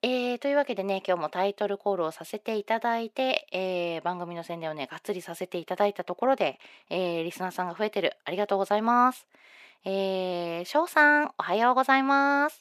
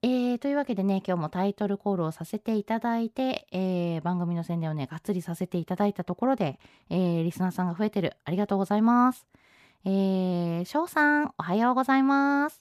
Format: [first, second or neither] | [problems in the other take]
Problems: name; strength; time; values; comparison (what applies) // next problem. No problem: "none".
second | thin; somewhat; fading below 450 Hz